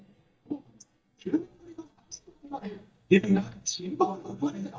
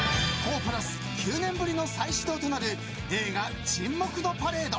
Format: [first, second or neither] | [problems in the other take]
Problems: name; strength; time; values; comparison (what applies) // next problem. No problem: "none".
second | noise reduction (neural mask model DeepFilterNet 3)